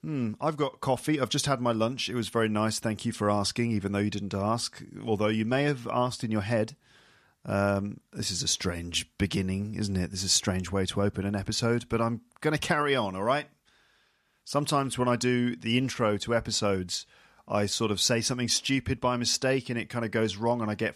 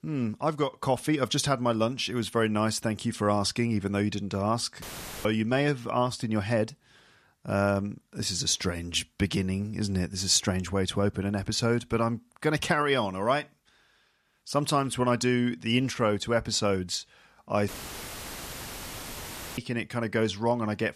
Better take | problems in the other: first | audio cutting out; filled with static; at 5 s and at 18 s for 2 s

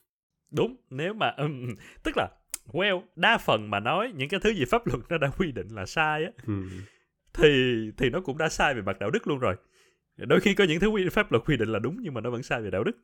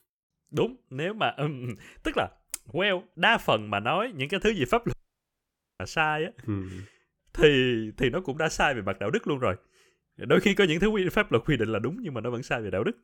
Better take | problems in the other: first | audio cutting out; at 5 s for 1 s

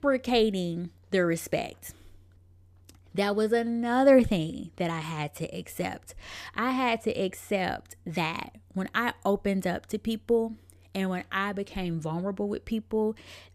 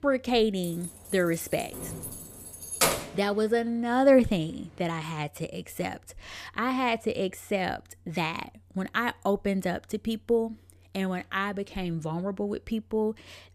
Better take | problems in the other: first | jangling keys; loud; from 0.5 to 3 s; peak 4 dB above the speech

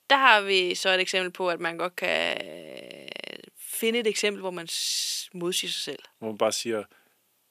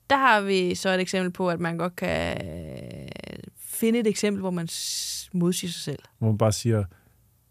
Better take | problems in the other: second | thin; somewhat; fading below 300 Hz

